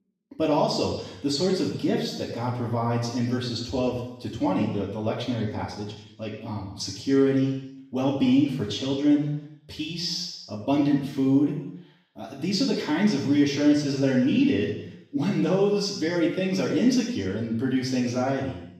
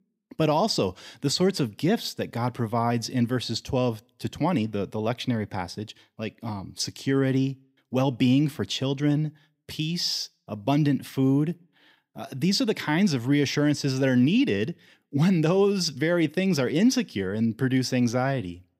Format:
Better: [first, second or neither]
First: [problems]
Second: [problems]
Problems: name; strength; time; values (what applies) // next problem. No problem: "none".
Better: second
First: room echo; noticeable; dies away in 0.9 s // off-mic speech; far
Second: none